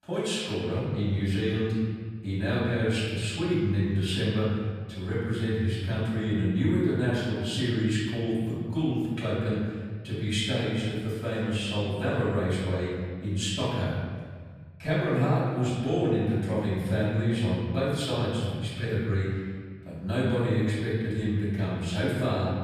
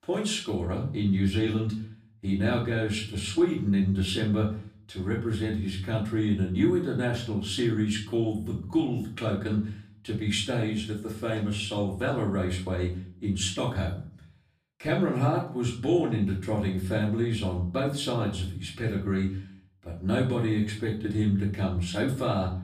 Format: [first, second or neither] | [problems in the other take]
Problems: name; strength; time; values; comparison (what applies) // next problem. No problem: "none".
second | room echo; strong; dies away in 1.6 s; slight in the second // off-mic speech; far; far in the second